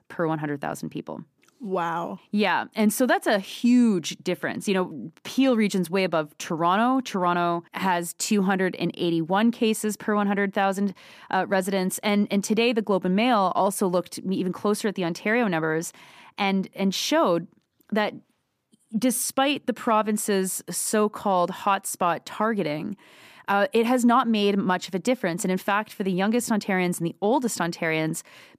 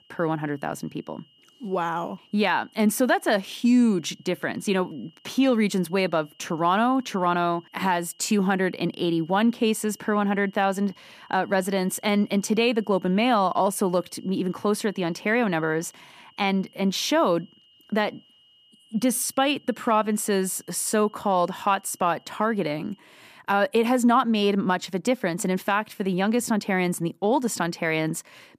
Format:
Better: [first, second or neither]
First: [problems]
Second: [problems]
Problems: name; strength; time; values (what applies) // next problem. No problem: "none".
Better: first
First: none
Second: high-pitched whine; faint; until 23 s; 3 kHz, 30 dB below the speech